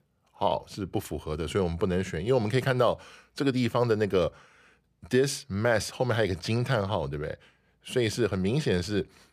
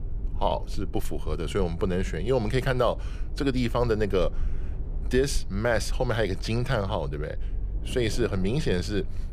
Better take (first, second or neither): first